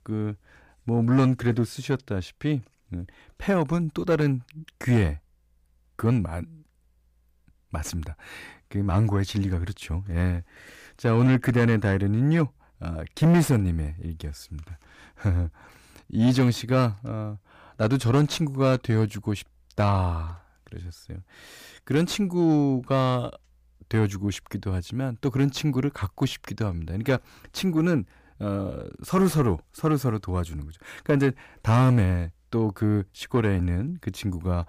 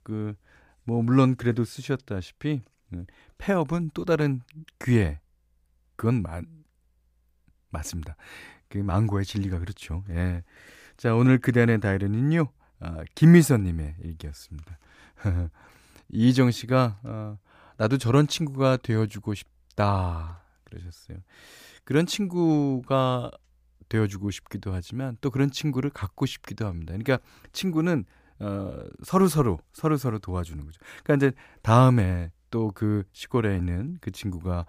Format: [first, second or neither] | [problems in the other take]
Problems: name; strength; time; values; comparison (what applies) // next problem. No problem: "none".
second | distortion; slight; 10 dB below the speech